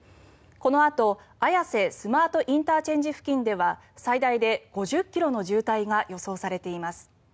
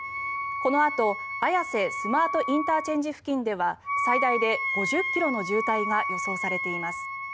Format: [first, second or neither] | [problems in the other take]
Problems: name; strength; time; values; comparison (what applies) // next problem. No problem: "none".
first | background sound (Wind instrument, woodwind instrument); 3 dB below the speech